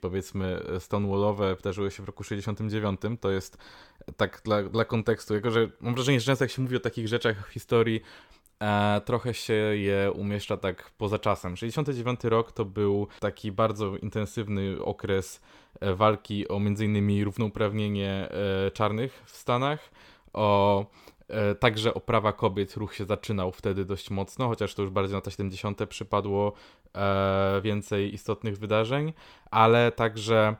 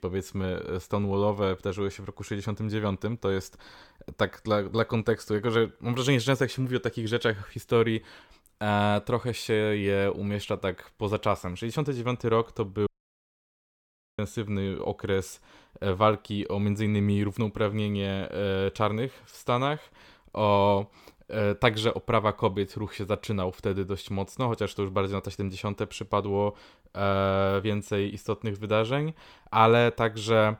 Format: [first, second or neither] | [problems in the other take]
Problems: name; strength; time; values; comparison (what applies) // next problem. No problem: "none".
first | audio cutting out; at 13 s for 1.5 s